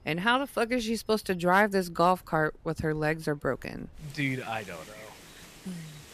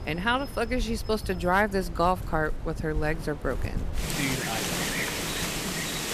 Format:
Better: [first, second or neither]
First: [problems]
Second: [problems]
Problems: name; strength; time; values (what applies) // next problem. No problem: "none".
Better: first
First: wind in the background; faint; throughout; 25 dB below the speech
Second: wind in the background; loud; throughout; 4 dB below the speech